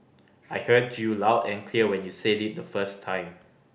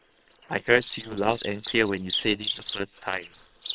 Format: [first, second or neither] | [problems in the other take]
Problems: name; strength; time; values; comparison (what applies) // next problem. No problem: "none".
first | noise reduction (neural separator model SepFormer WHAM!)